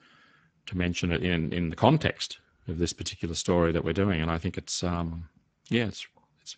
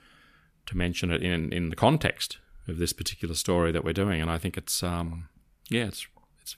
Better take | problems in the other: second | garbled, watery; badly; nothing above 8 kHz

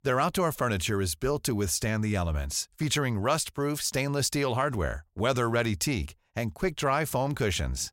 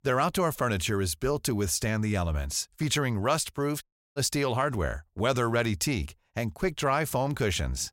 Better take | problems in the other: first | audio cutting out; at 4 s

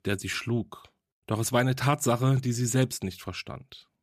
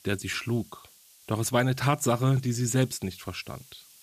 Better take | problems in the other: first | hiss; faint; throughout; 25 dB below the speech

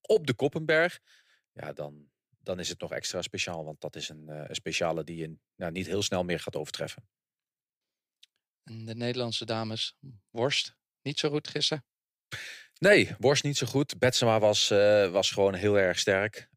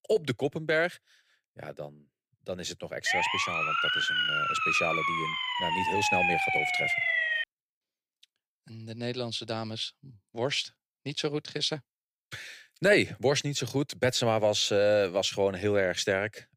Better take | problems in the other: first | siren; loud; from 3 to 7.5 s; peak 5 dB above the speech

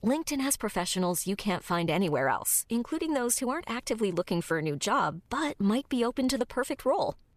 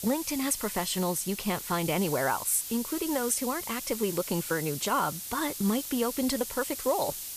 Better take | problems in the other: first | hiss; loud; throughout; 6 dB below the speech

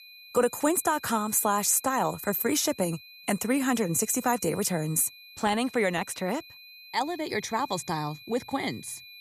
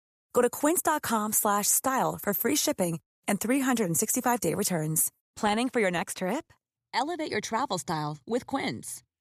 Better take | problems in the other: second | high-pitched whine; noticeable; throughout; 2.5 kHz, 20 dB below the speech

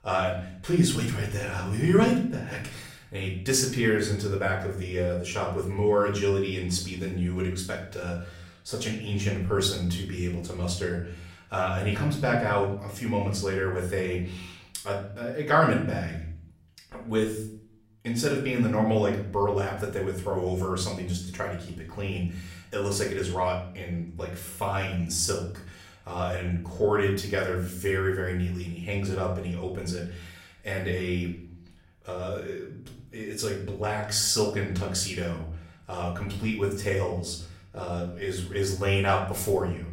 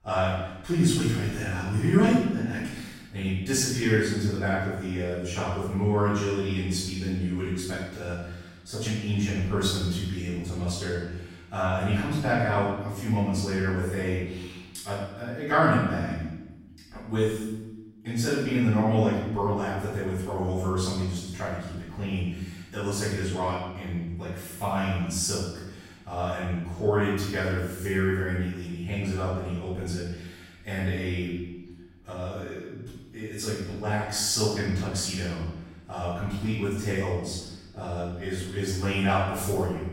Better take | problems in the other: first | room echo; strong; dies away in 1 s; slight in the first // off-mic speech; far; far in the first

